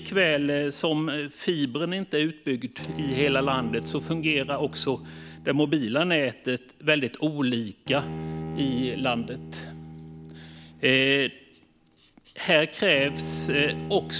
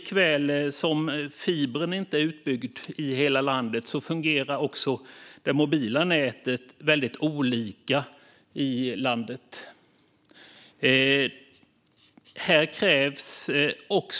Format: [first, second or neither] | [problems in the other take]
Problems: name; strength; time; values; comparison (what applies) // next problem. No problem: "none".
second | background sound (Bowed string instrument); 12 dB below the speech